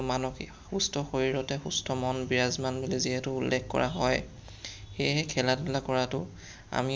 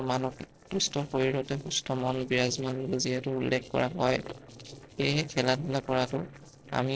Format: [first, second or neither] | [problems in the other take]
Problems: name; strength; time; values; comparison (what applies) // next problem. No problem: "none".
first | noise reduction (neural separator model SepFormer DNS4)